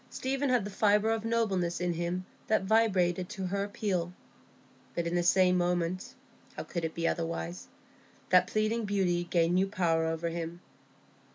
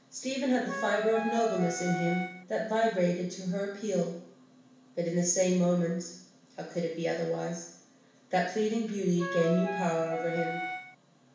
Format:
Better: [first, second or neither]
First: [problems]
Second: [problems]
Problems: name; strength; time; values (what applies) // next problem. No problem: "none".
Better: first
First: none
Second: background sound (Wind instrument, woodwind instrument); 5 dB below the speech // room echo; dies away in 0.7 s